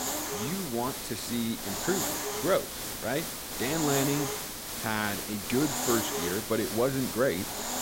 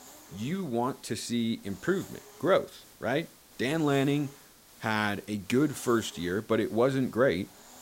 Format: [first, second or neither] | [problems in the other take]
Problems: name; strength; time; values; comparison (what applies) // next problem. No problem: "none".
second | hiss; loud; throughout; 1 dB below the speech; faint in the second